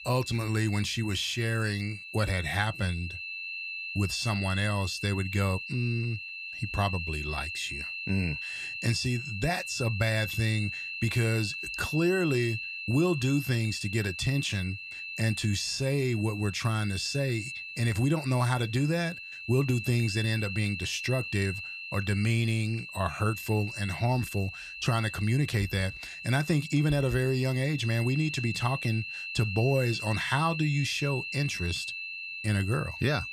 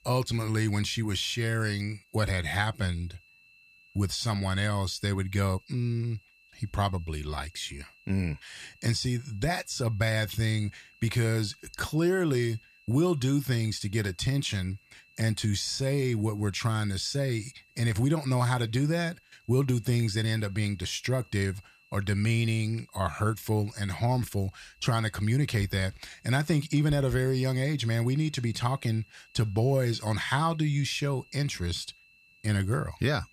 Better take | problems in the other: second | high-pitched whine; loud; throughout; 2.5 kHz, 7 dB below the speech; faint in the second

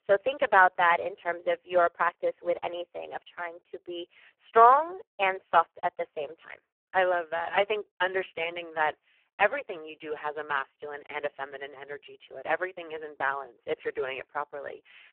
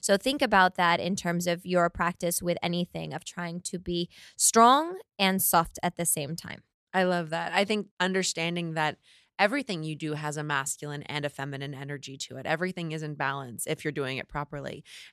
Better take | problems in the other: second | phone-call audio; poor line

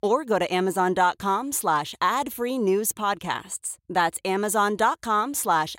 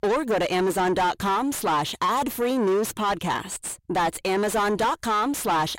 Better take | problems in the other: first | distortion; heavy; 6 dB below the speech

